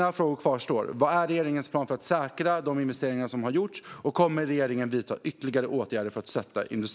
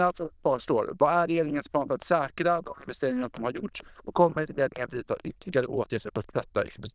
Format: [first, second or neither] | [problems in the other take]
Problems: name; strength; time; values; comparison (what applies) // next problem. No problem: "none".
first | noise reduction (neural diffusion model UNIVERSE++)